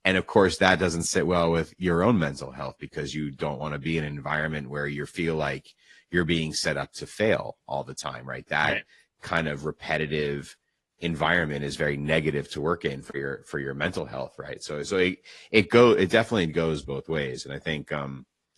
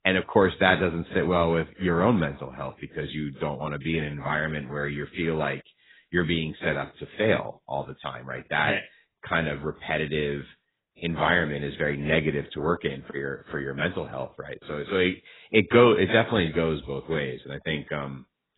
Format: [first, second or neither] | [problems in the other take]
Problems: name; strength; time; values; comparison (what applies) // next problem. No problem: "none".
first | garbled, watery; badly; nothing above 4 kHz; slightly in the first